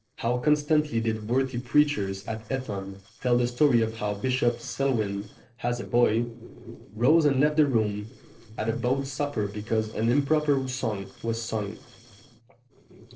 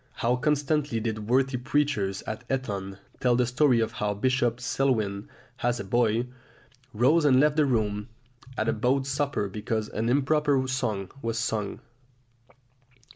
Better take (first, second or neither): second